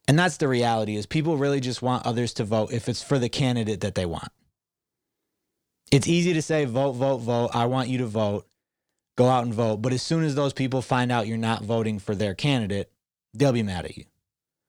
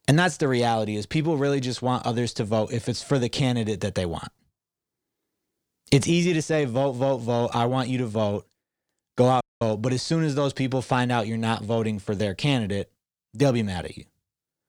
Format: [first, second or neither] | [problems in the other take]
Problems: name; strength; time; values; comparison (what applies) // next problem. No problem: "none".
first | audio cutting out; at 9.5 s